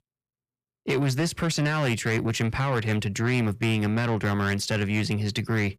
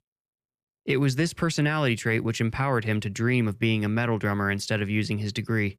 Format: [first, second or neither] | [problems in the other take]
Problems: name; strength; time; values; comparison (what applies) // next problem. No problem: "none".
second | distortion; slight; 10 dB below the speech